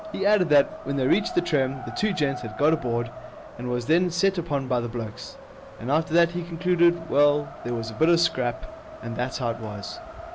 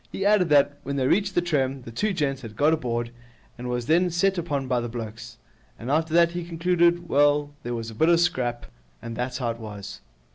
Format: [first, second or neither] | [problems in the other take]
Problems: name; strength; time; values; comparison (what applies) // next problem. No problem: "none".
second | background sound (Wind); 14 dB below the speech